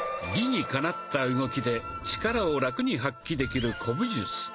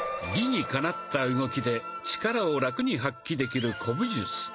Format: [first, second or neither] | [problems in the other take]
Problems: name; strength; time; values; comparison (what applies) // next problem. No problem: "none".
second | background sound (Livestock, farm animals, working animals); 16 dB below the speech